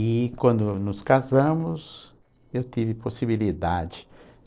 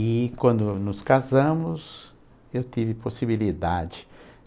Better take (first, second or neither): second